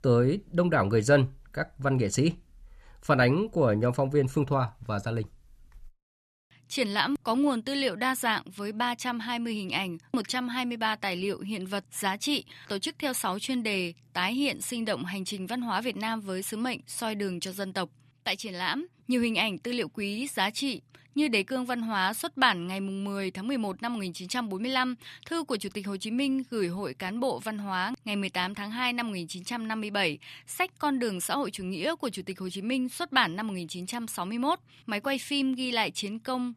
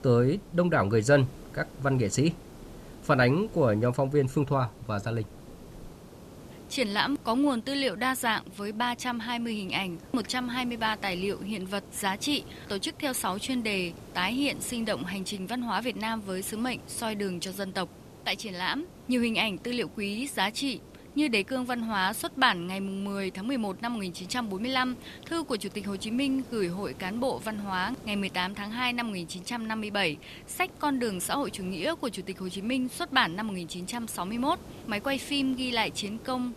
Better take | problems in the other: first | hiss; noticeable; throughout; 20 dB below the speech

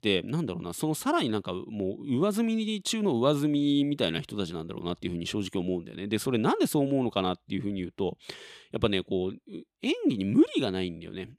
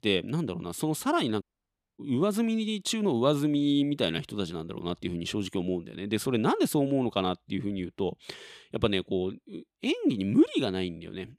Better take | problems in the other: first | audio cutting out; at 1.5 s for 0.5 s

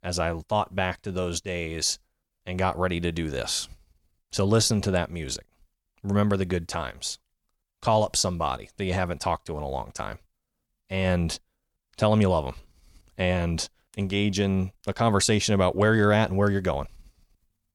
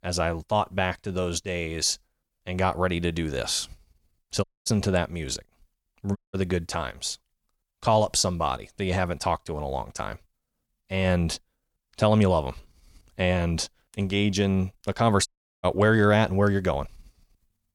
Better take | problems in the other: first | audio cutting out; at 4.5 s, at 6 s and at 15 s

